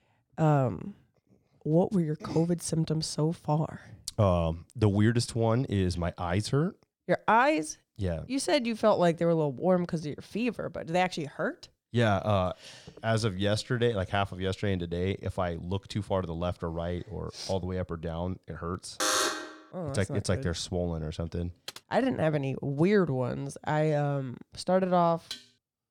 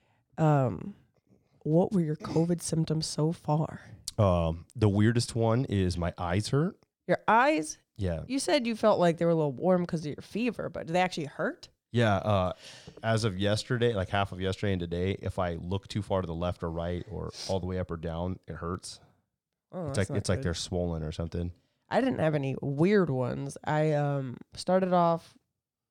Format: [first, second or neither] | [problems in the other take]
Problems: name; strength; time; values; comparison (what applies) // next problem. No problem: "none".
second | alarm; loud; at 19 s; peak 3 dB above the speech // keyboard typing; faint; at 22 s; peak 15 dB below the speech // clattering dishes; faint; at 25 s; peak 15 dB below the speech